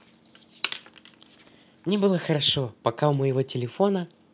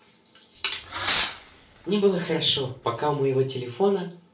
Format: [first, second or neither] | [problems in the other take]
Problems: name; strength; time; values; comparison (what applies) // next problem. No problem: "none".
first | background sound (Fireworks); 9 dB below the speech // room echo; dies away in 0.3 s